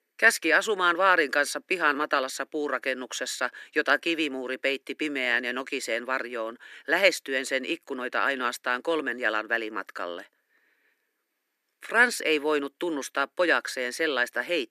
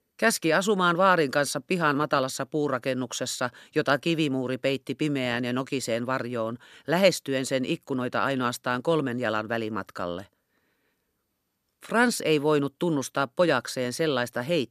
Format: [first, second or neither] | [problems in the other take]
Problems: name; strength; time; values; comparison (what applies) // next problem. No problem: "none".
second | thin; somewhat; fading below 300 Hz